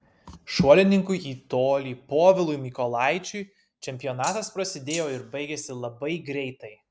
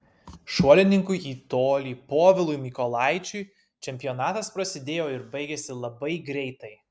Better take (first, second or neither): second